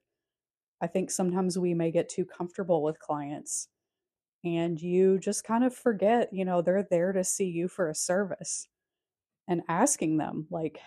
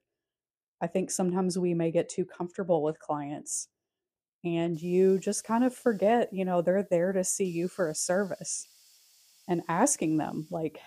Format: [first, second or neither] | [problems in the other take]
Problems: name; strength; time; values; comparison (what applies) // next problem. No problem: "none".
first | hiss; faint; from 4.5 s on; 30 dB below the speech